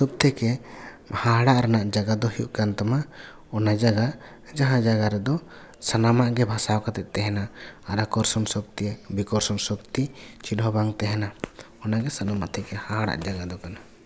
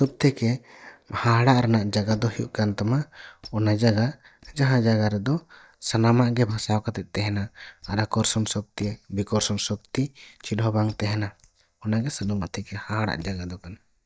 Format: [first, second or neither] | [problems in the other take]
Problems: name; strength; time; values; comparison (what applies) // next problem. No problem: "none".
first | noise reduction (neural mask model DeepFilterNet 3)